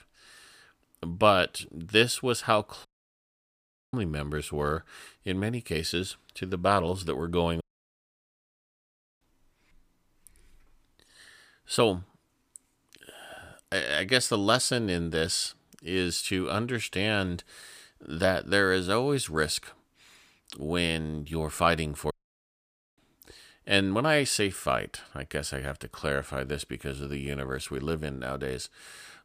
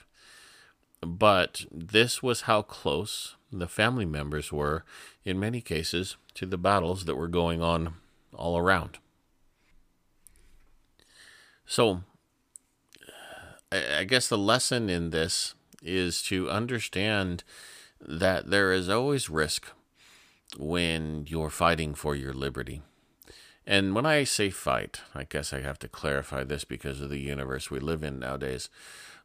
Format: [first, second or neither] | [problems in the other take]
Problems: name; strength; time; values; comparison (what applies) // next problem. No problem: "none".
second | audio cutting out; at 3 s for 1 s, at 7.5 s for 1.5 s and at 22 s for 1 s